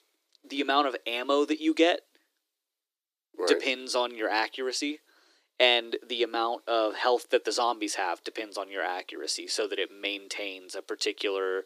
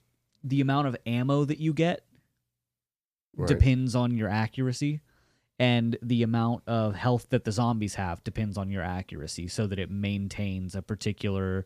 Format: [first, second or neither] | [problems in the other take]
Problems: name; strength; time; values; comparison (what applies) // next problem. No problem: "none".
second | thin; very; fading below 300 Hz